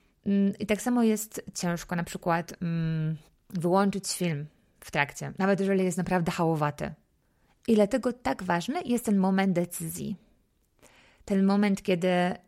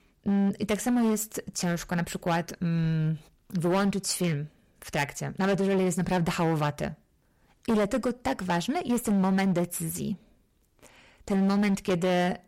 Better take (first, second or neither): first